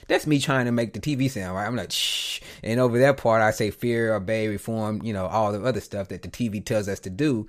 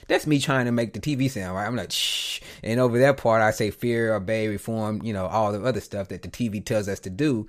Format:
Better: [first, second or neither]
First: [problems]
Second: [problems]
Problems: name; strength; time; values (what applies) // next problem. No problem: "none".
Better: neither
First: none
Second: none